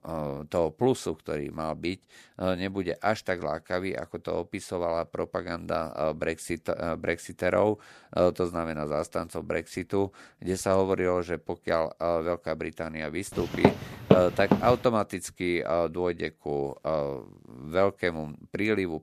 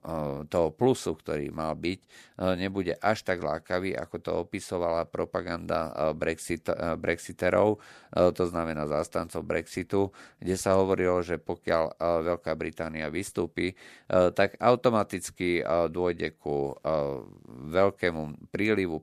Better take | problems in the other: second | footsteps; loud; from 13 to 15 s; peak 5 dB above the speech

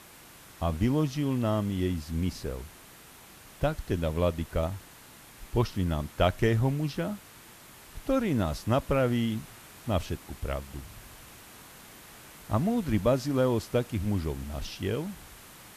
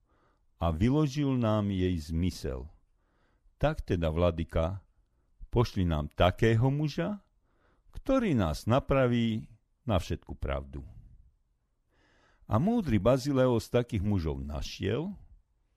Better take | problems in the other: second | hiss; noticeable; throughout; 20 dB below the speech

